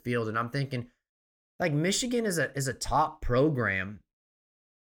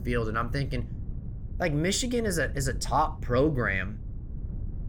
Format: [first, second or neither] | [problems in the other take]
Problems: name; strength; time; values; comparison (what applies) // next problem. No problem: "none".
first | wind noise on the microphone; occasional gusts; 25 dB below the speech